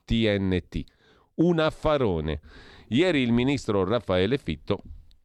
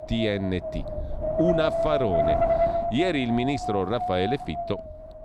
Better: first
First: none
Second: wind noise on the microphone; heavy; 2 dB above the speech

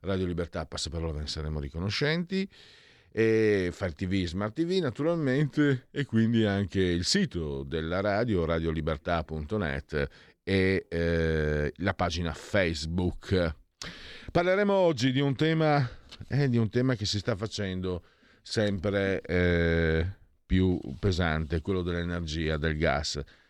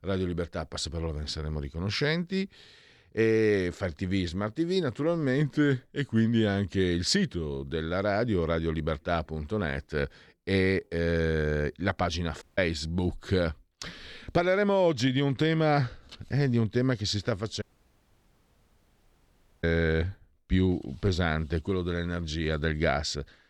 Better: first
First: none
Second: audio cutting out; at 12 s and at 18 s for 2 s

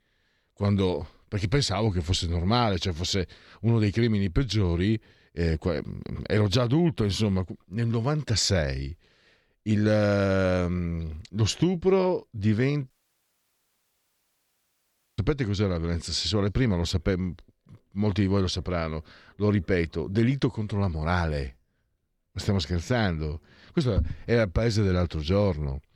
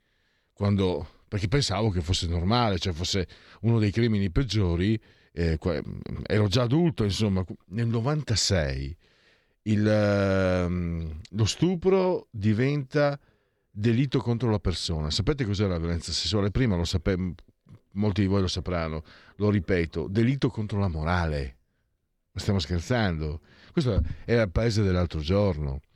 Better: second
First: audio cutting out; at 13 s for 2.5 s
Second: none

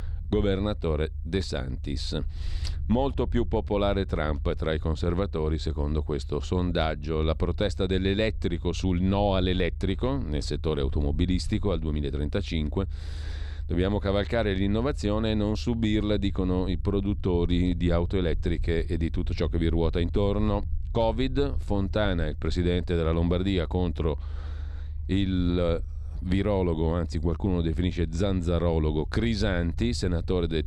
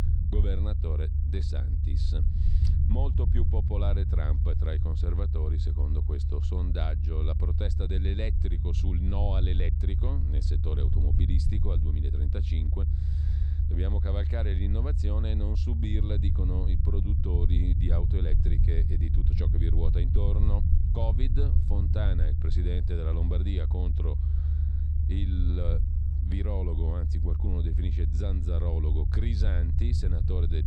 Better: first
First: low rumble; faint; throughout; 25 dB below the speech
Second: low rumble; loud; throughout; 3 dB below the speech

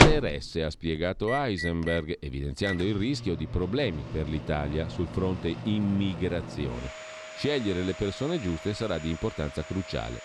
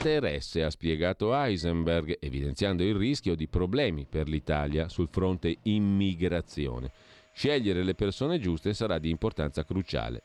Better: second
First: household noises; loud; throughout; 6 dB below the speech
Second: household noises; faint; throughout; 30 dB below the speech

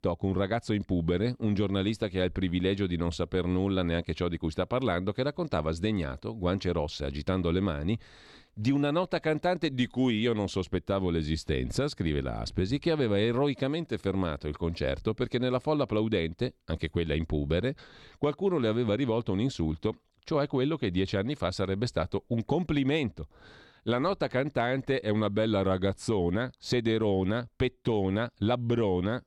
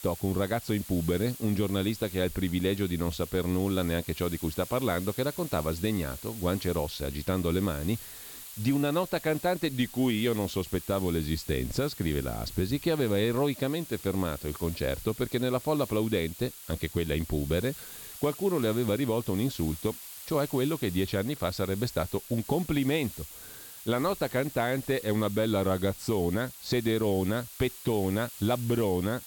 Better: first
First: none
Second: hiss; noticeable; throughout; 15 dB below the speech

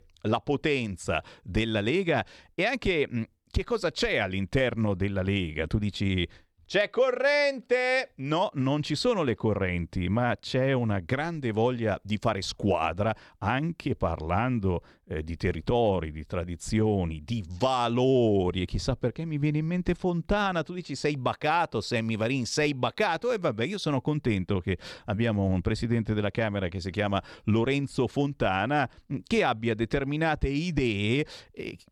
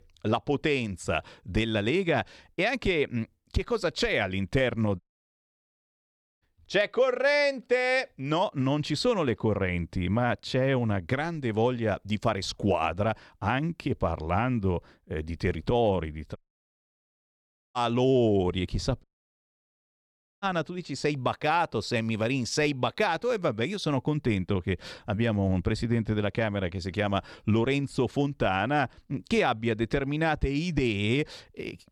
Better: first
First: none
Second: audio cutting out; at 5 s for 1.5 s, at 16 s for 1.5 s and at 19 s for 1.5 s

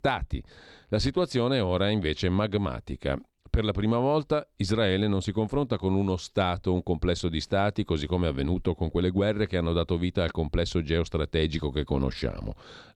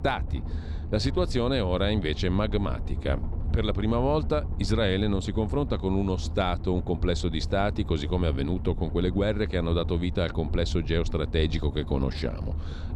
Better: first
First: none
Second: low rumble; noticeable; throughout; 15 dB below the speech

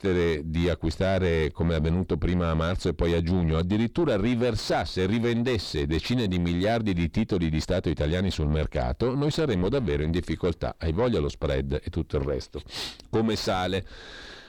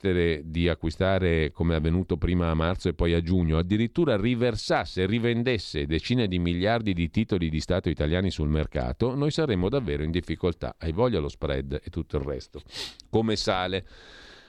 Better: second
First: distortion; heavy; 6 dB below the speech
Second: none

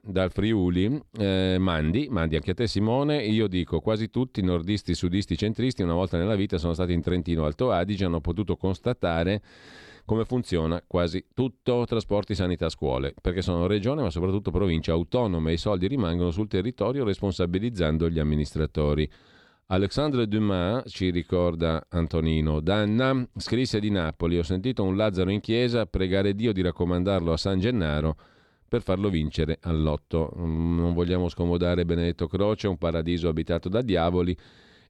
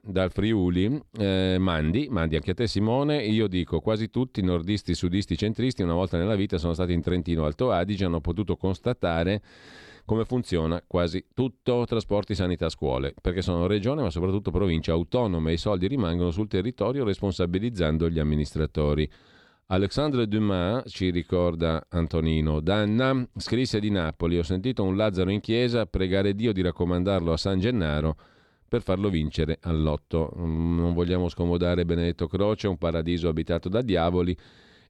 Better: neither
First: none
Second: none

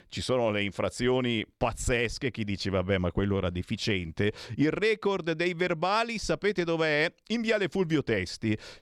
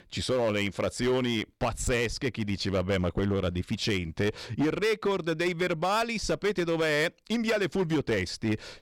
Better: first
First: none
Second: distortion; slight; 9% of the sound clipped

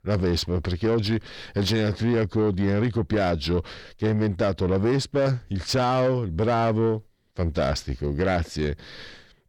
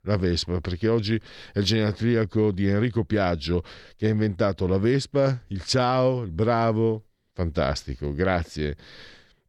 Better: second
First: distortion; slight; 10 dB below the speech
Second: none

